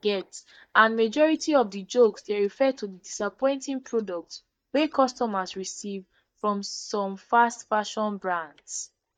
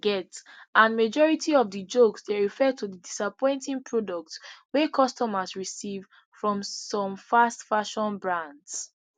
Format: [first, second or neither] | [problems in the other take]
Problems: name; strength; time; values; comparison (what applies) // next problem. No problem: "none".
second | noise reduction (neural mask model DeepFilterNet 3)